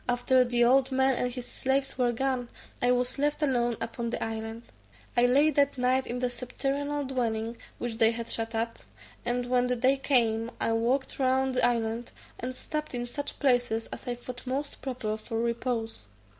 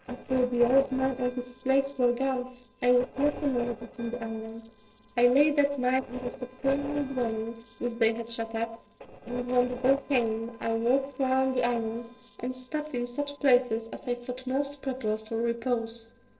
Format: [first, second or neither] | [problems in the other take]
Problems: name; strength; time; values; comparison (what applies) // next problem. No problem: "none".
first | noise reduction (neural separator model SepFormer DNS4)